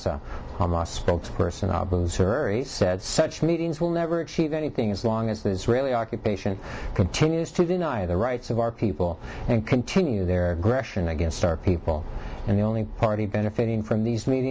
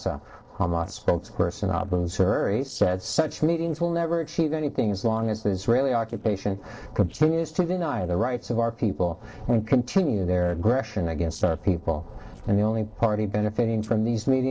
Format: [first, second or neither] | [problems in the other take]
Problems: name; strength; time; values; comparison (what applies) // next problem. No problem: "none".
first | noise reduction (neural separator model SepFormer DNS4)